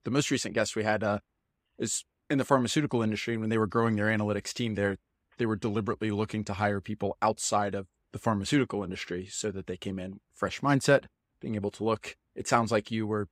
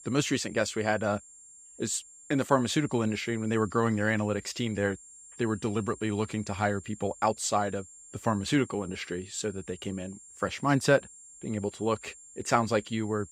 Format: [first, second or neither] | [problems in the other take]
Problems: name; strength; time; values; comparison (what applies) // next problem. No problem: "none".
first | high-pitched whine; noticeable; throughout; 7.5 kHz, 20 dB below the speech